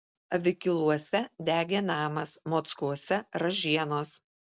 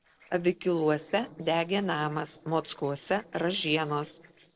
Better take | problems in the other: first | noise reduction (neural separator model SepFormer DNS4)

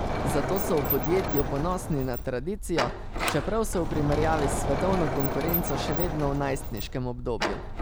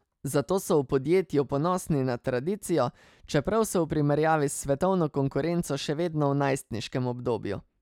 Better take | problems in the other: second | background sound (Sliding door); 1 dB below the speech

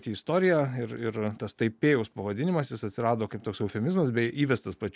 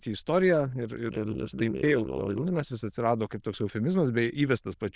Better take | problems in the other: first | noise reduction (neural diffusion model UNIVERSE++)

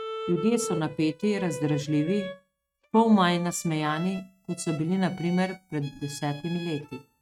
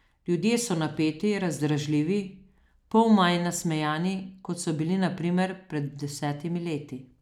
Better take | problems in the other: second | noise reduction (neural mask model RNNoise)

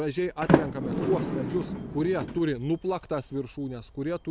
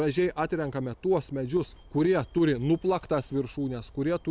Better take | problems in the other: second | background sound (Sliding door); 2 dB above the speech

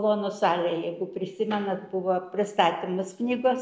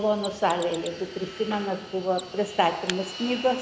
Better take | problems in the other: first | background sound (Fixed-wing aircraft, airplane + Mechanisms); 12 dB below the speech

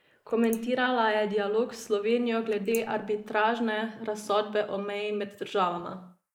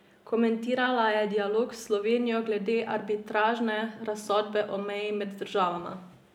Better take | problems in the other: second | noise reduction (neural mask model Resemble Enhance denoiser)

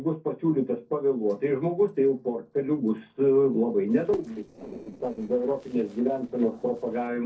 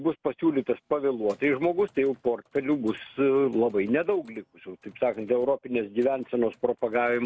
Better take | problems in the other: second | noise reduction (neural separator model SepFormer DNS4)

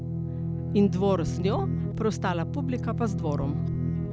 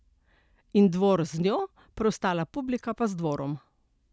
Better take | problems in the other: second | background sound (Guitar); as loud as the speech

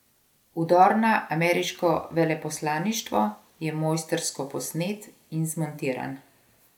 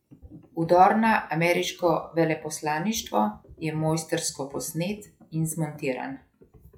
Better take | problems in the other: first | noise reduction (classical method log-MMSE)

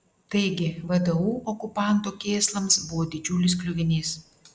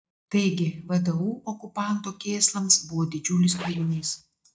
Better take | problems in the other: first | noise reduction (neural mask model DeepFilterNet 3)

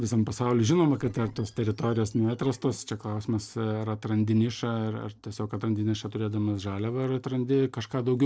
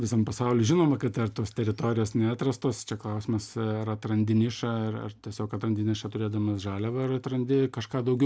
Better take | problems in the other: second | noise reduction (neural separator model SepFormer DNS4)

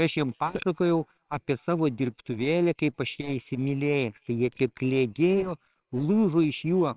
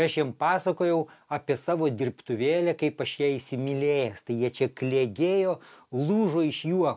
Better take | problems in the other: second | noise reduction (neural separator model SepFormer WHAMR!)

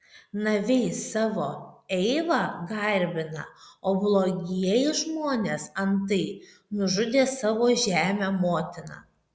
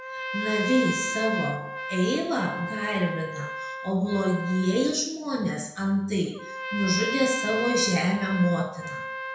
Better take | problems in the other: first | background sound (Trumpet); 7 dB below the speech // room echo; dies away in 0.5 s

